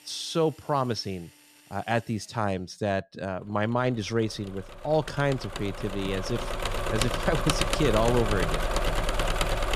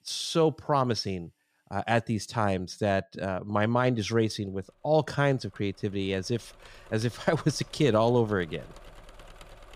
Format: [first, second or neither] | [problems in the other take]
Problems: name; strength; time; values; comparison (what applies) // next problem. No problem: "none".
second | machinery noise; loud; throughout; 1 dB below the speech; faint in the second